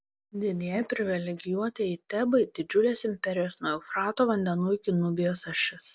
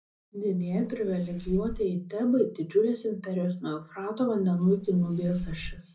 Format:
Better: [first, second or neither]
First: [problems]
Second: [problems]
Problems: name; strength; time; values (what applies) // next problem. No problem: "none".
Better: first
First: none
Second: background sound (Fireworks); 14 dB below the speech // room echo; dies away in 0.4 s